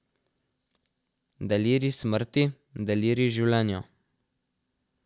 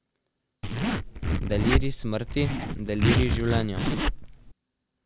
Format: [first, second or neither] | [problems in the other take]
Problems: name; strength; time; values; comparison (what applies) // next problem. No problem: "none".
first | background sound (Zipper (clothing)); 4 dB above the speech